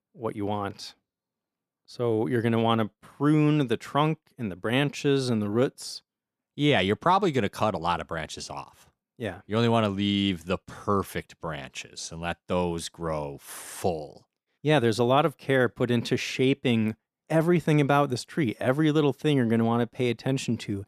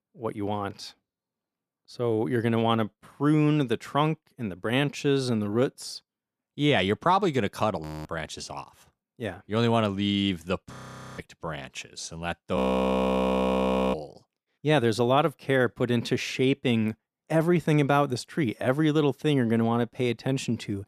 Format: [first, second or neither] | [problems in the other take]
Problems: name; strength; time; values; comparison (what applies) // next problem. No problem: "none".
first | audio freezing; at 8 s, at 11 s and at 13 s for 1.5 s